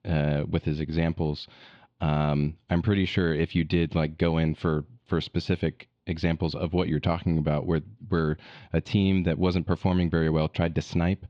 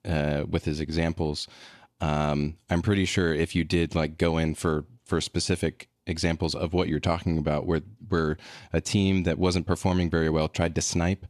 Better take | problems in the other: second | muffled; slightly; fading above 3.5 kHz

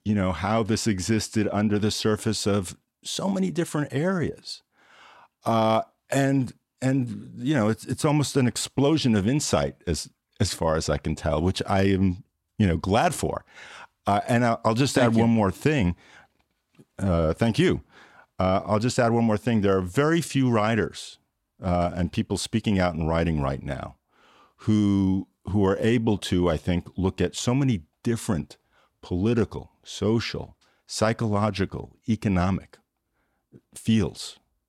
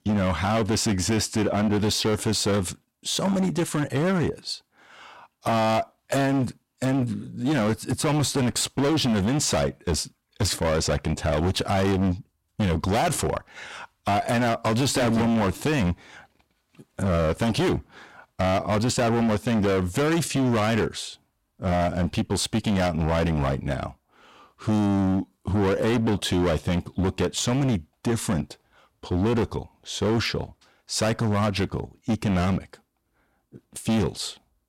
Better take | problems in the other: first | distortion; heavy; 20% of the sound clipped

